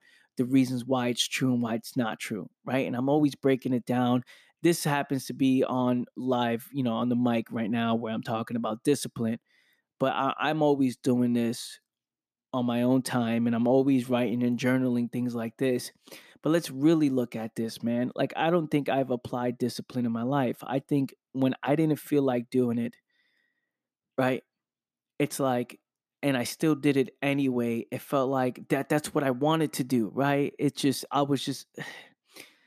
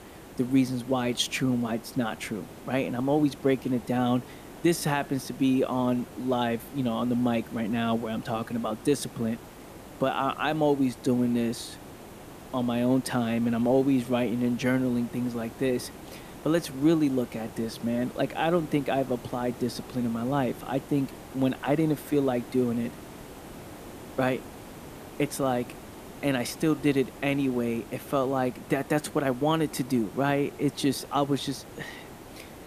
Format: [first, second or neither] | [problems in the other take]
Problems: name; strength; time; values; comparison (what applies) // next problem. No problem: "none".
first | hiss; noticeable; throughout; 15 dB below the speech